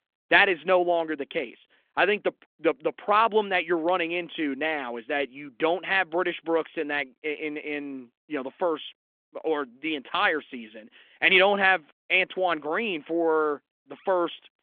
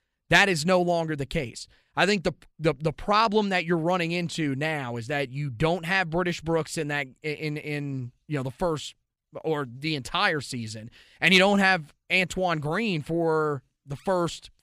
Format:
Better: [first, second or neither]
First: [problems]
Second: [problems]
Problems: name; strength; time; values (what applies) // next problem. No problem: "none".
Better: second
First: phone-call audio; nothing above 3.5 kHz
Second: none